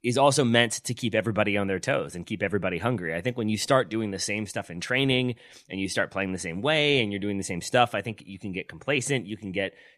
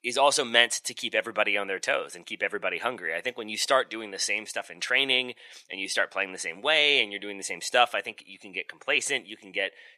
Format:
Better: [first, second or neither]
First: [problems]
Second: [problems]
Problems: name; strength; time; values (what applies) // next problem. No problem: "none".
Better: first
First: none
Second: thin; somewhat; fading below 550 Hz